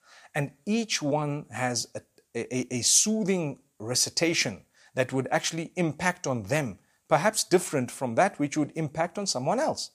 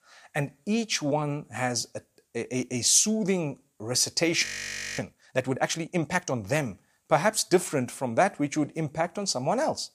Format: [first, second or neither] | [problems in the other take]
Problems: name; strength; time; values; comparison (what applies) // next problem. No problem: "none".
first | audio freezing; at 4.5 s for 0.5 s